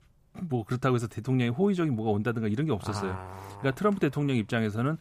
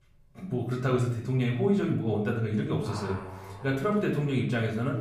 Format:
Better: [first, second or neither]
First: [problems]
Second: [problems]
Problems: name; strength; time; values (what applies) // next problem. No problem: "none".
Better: first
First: none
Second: off-mic speech; far // room echo; slight; dies away in 0.5 s